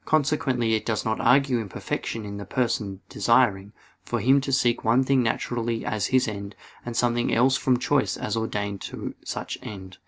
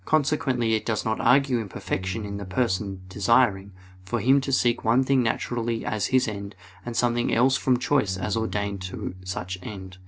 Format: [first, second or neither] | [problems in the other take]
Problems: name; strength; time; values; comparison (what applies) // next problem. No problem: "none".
first | background sound (Bass guitar); 15 dB below the speech